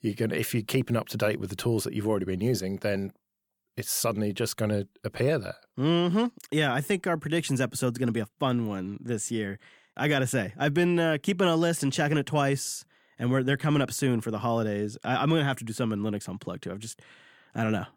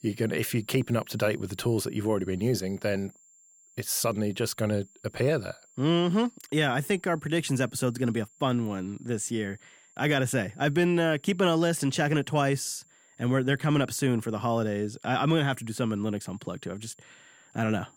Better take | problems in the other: first | high-pitched whine; faint; throughout; 7.5 kHz, 30 dB below the speech

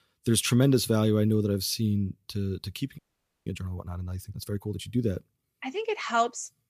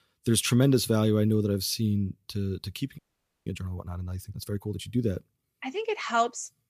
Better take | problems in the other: neither | audio freezing; at 3 s; the same in both

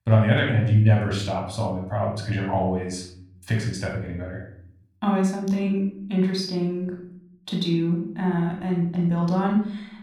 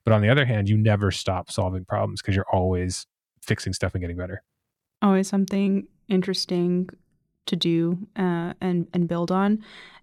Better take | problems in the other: second | off-mic speech; somewhat distant // room echo; noticeable; dies away in 0.6 s

